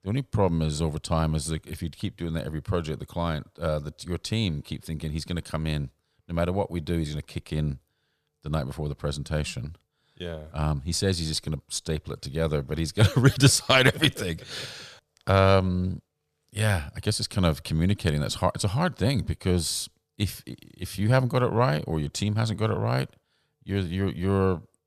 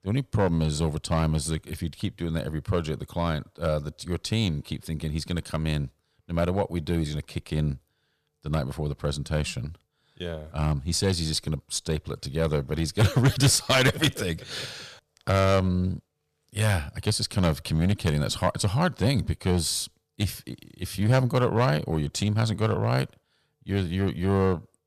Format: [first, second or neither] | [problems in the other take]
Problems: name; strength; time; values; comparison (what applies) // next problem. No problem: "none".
first | distortion; slight; 2% of the sound clipped